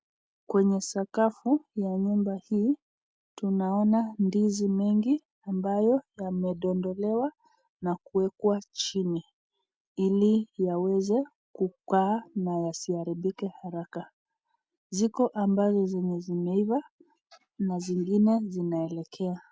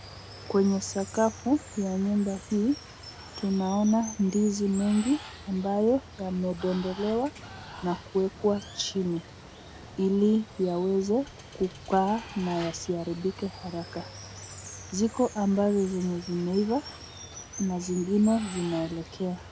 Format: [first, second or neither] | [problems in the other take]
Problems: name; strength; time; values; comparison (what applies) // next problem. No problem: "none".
first | background sound (Water); 15 dB below the speech